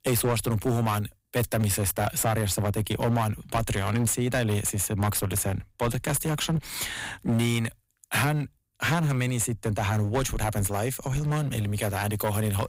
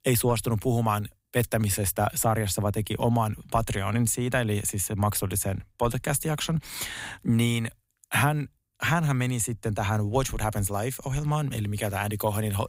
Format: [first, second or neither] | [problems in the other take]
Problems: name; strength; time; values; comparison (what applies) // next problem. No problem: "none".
second | distortion; slight; 16% of the sound clipped